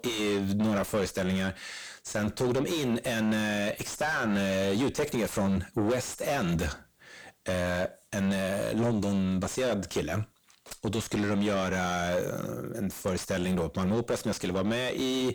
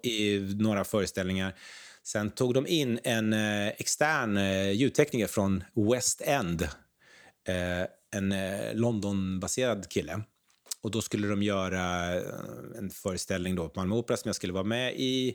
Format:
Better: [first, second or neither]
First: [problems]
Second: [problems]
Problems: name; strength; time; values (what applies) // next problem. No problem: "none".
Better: second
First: distortion; heavy; 5 dB below the speech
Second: none